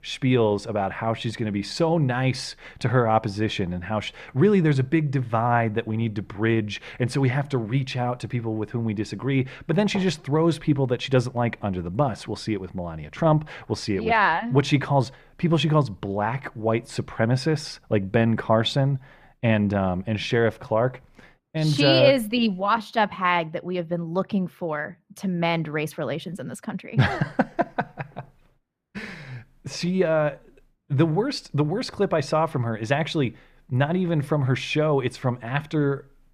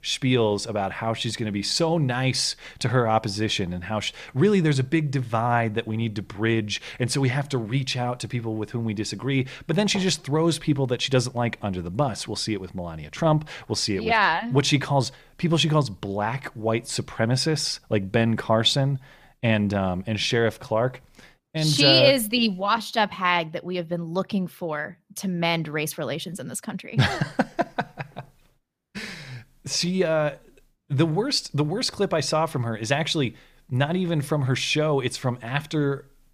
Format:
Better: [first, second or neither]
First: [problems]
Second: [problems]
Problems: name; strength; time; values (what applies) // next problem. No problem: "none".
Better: second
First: muffled; slightly; fading above 3 kHz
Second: none